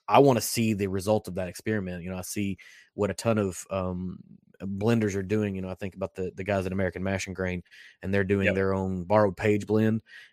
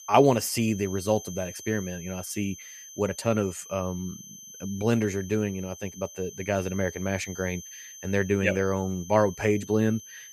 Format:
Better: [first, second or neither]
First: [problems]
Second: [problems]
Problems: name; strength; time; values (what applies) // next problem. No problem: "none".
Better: first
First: none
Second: high-pitched whine; noticeable; throughout; 6 kHz, 15 dB below the speech